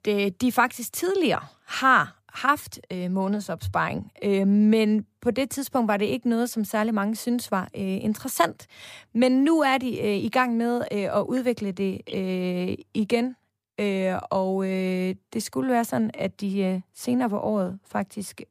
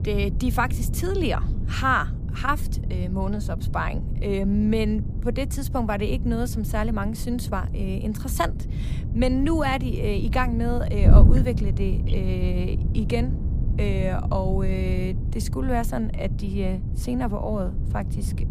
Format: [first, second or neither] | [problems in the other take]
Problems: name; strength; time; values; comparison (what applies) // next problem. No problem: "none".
first | wind noise on the microphone; occasional gusts; 10 dB below the speech